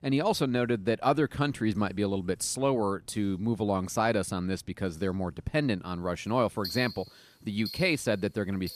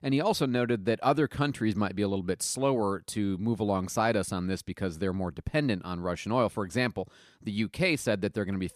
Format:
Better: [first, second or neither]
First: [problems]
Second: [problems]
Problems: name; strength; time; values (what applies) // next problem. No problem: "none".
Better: second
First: household noises; noticeable; throughout; 10 dB below the speech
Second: none